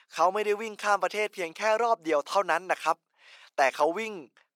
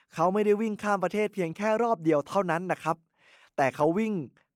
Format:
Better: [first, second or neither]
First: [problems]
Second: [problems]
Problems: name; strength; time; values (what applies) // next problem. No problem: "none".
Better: second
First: thin; very; fading below 600 Hz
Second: none